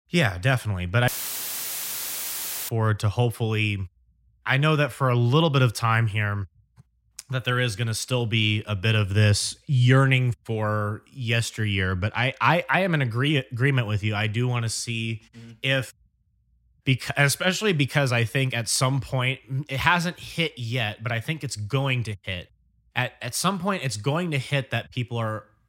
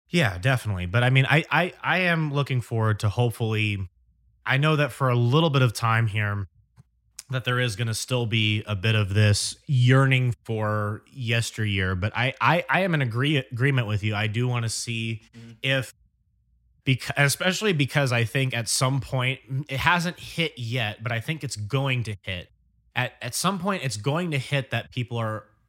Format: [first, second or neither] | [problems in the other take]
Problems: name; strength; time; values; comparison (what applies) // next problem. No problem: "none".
second | audio cutting out; filled with static; at 1 s for 1.5 s